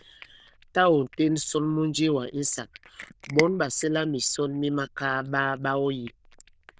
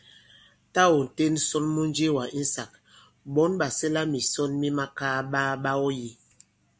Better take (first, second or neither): second